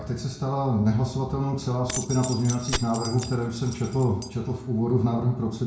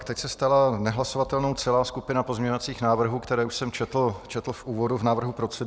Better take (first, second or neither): second